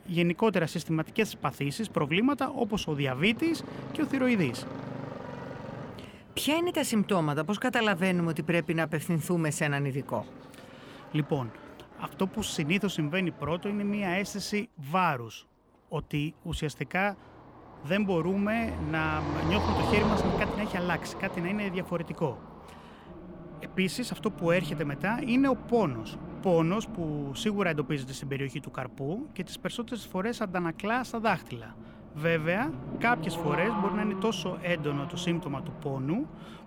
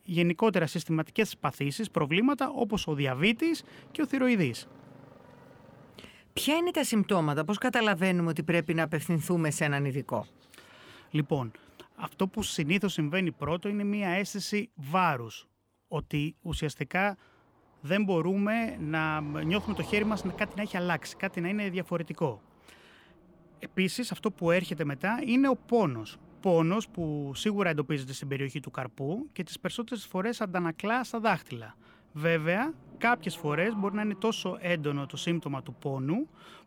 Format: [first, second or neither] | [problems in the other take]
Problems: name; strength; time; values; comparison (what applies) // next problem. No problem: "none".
second | traffic noise; loud; throughout; 10 dB below the speech; faint in the second